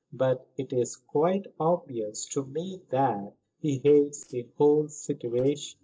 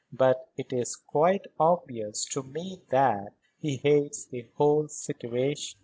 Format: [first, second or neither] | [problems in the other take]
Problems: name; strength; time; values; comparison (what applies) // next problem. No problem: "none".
second | noise reduction (neural separator model SepFormer DNS4)